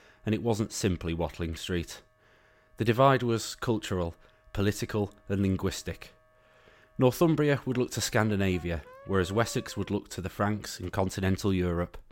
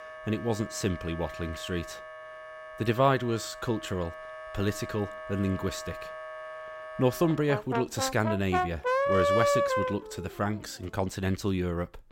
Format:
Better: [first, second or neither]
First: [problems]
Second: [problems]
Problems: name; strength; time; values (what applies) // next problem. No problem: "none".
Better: first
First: background music; faint; throughout; 30 dB below the speech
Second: background music; loud; throughout; 3 dB below the speech